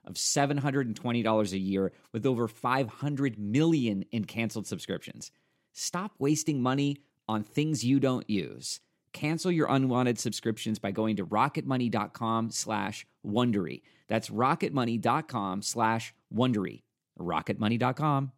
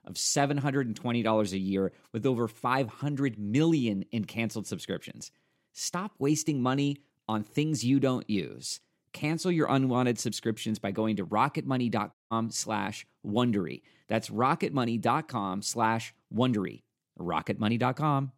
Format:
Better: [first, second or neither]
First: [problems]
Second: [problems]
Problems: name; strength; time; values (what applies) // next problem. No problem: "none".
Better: first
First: none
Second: audio cutting out; at 12 s